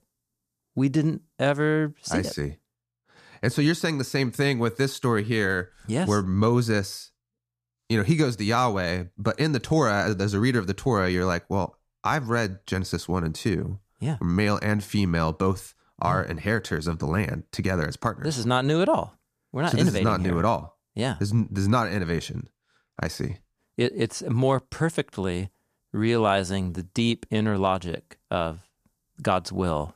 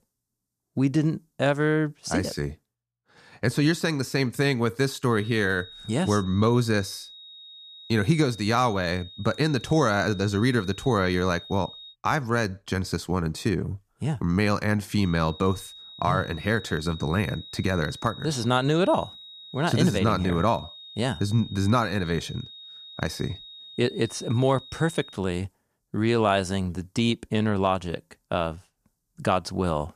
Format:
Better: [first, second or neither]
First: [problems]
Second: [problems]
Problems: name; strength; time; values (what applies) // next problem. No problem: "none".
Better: first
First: none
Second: high-pitched whine; noticeable; from 5 to 12 s and from 15 to 25 s; 4 kHz, 15 dB below the speech